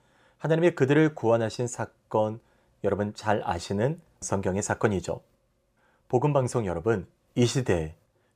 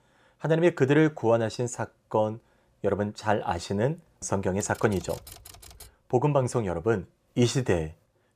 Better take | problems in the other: first | keyboard typing; faint; from 4.5 to 6 s; peak 15 dB below the speech

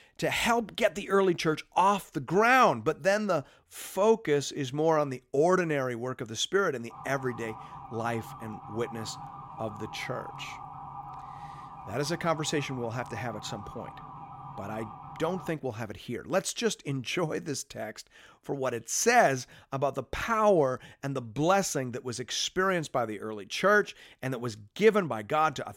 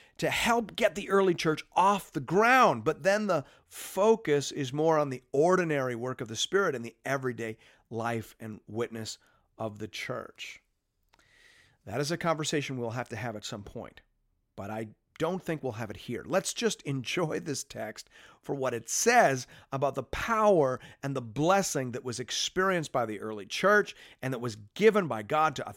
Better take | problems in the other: second | siren; faint; from 7 to 15 s; peak 15 dB below the speech

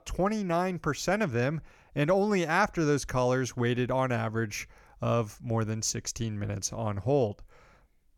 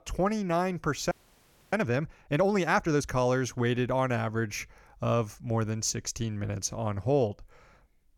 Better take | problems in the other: first | audio freezing; at 1 s for 0.5 s

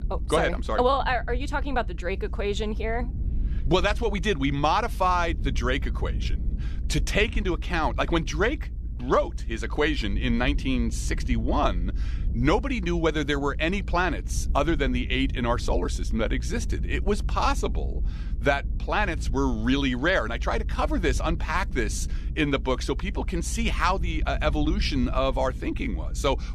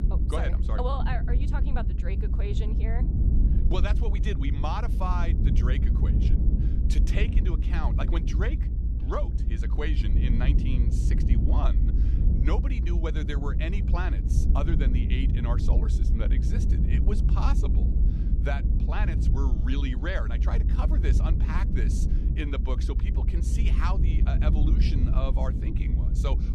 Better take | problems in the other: first | low rumble; loud; throughout; 5 dB below the speech; faint in the first

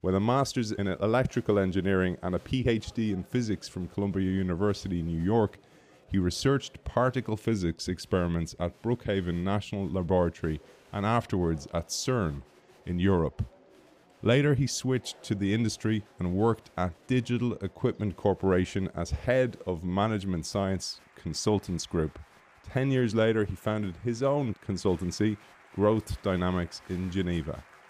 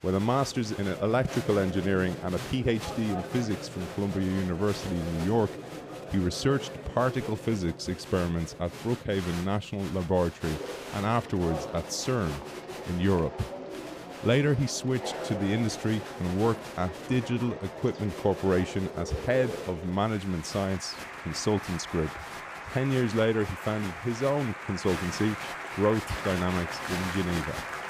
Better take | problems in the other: first | crowd noise; loud; throughout; 9 dB below the speech; faint in the first

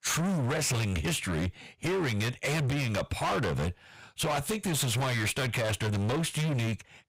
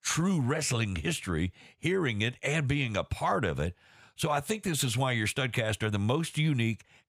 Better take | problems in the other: second | distortion; heavy; 34% of the sound clipped

